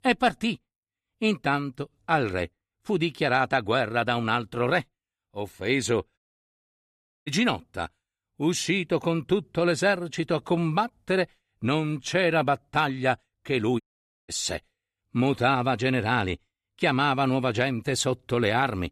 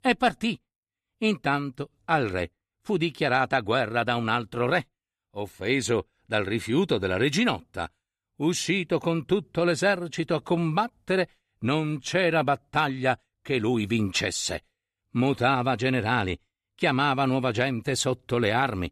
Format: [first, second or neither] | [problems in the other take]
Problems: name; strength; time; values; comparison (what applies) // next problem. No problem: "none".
second | audio cutting out; at 6 s for 1 s and at 14 s